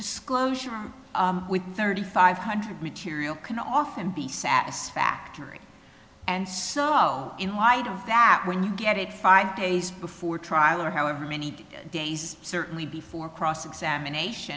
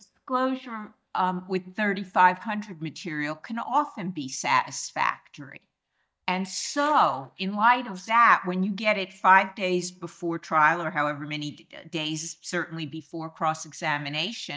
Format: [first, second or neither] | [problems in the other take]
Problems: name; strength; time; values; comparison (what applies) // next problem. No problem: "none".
first | noise reduction (neural mask model DeepFilterNet 3)